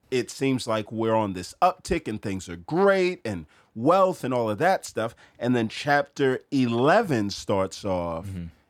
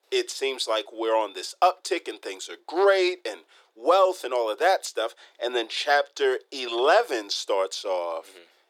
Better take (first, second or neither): first